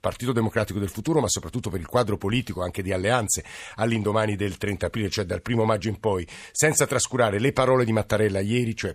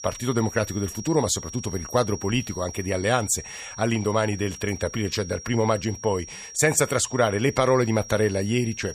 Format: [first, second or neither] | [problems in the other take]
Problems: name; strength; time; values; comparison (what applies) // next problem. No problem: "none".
first | high-pitched whine; noticeable; throughout; 5.5 kHz, 15 dB below the speech